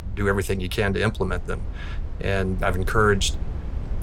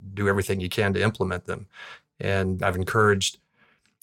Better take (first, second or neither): second